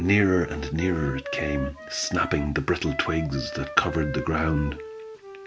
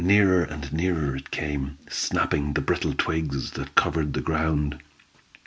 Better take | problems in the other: second | background sound (Wind instrument, woodwind instrument); 12 dB below the speech

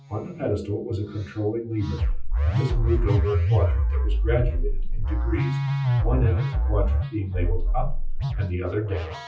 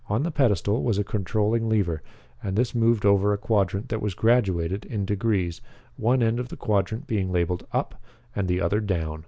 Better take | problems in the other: second | noise reduction (classical method WPE with log-MMSE)

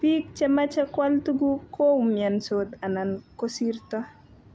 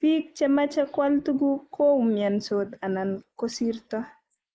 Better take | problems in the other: first | noise reduction (neural mask model Resemble Enhance denoiser)

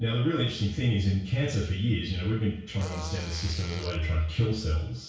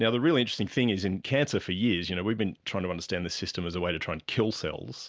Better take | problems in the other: second | background sound (Fart); 18 dB below the speech // room echo; dies away in 0.6 s

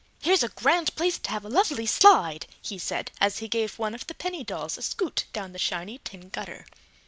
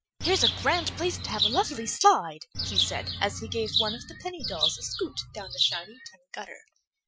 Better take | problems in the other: first | noise reduction (classical method Wiener filter)

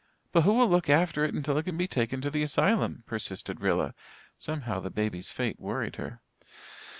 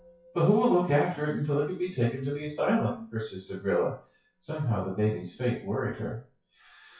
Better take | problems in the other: first | noise reduction (classical method WPE with log-MMSE)

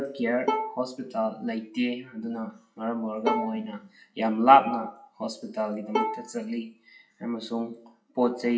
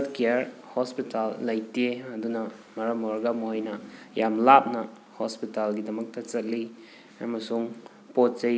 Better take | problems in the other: second | noise reduction (classical method WPE with log-MMSE)

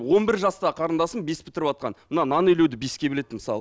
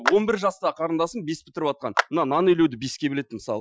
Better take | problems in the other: first | noise reduction (classical method Wiener filter)

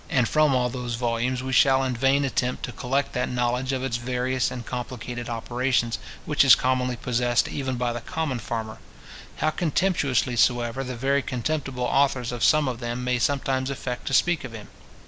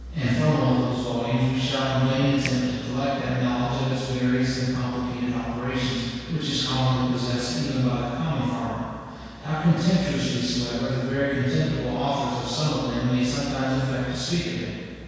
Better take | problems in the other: first | background sound (Finger snapping); 20 dB below the speech // room echo; dies away in 2 s

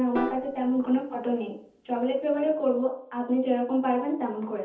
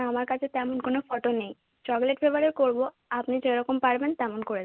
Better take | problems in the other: second | background sound (Piano); 11 dB below the speech // room echo; dies away in 0.5 s

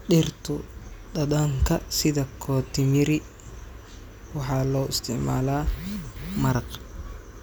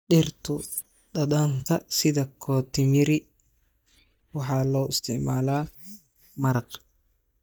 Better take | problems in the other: first | noise reduction (neural mask model DeepFilterNet 3)

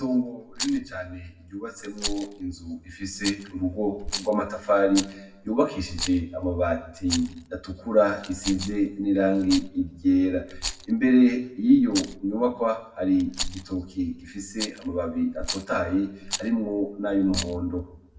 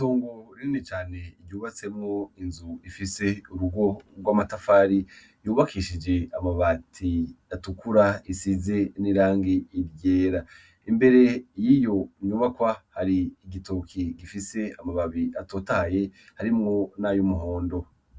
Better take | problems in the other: second | background sound (Rattle); 12 dB below the speech // room echo; dies away in 0.7 s

